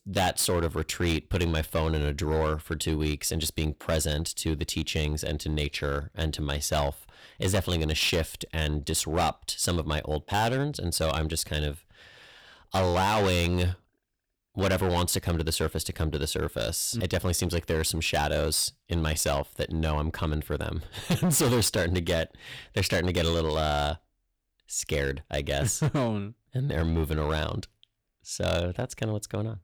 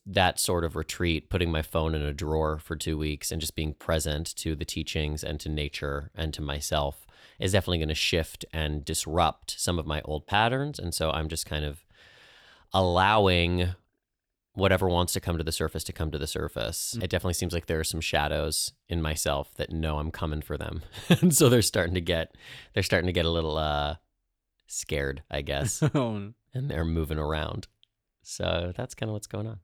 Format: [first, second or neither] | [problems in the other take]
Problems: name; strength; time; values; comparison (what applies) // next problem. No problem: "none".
second | distortion; heavy; 9% of the sound clipped